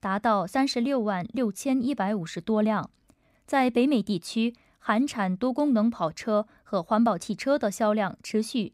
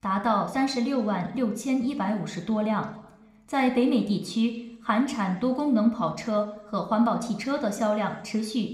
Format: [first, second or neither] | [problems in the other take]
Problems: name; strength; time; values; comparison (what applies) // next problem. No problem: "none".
first | room echo; slight; dies away in 0.7 s